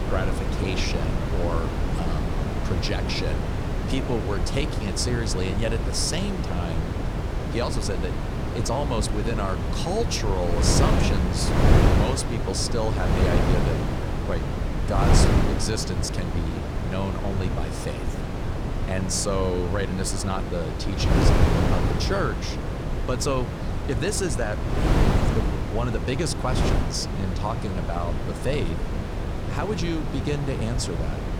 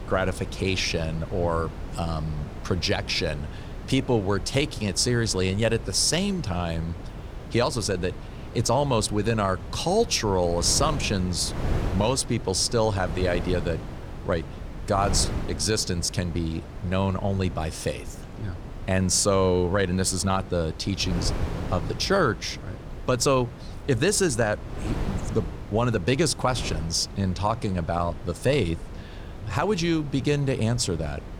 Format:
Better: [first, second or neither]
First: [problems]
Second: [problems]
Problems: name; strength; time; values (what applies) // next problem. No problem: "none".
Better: second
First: wind noise on the microphone; heavy; 1 dB below the speech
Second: wind noise on the microphone; occasional gusts; 15 dB below the speech